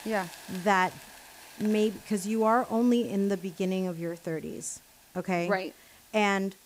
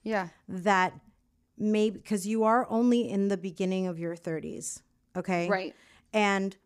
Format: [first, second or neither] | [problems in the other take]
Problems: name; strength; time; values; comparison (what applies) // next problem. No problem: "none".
second | hiss; faint; throughout; 20 dB below the speech